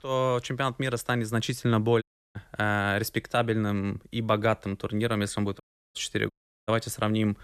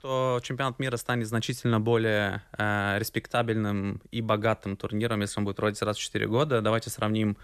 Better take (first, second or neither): second